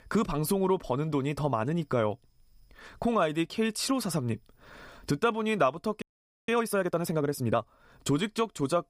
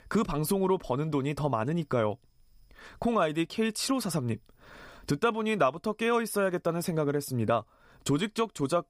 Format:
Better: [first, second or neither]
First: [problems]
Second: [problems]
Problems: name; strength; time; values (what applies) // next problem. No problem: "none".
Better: second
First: audio freezing; at 6 s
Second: none